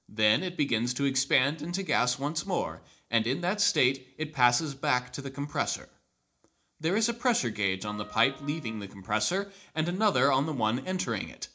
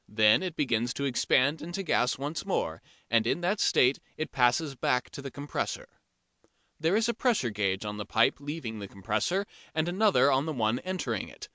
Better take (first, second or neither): second